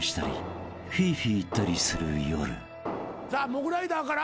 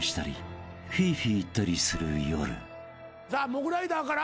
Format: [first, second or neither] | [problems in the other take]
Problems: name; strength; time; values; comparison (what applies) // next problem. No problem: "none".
second | background sound (Fireworks); 10 dB below the speech